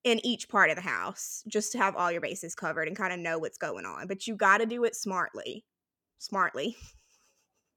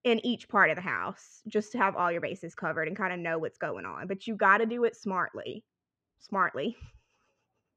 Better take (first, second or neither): first